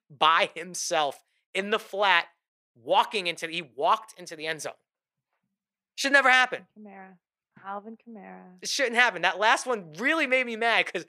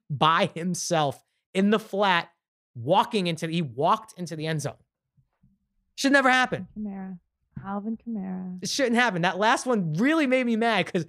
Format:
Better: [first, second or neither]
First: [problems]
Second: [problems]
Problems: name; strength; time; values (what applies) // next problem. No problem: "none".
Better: second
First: thin; somewhat; fading below 450 Hz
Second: none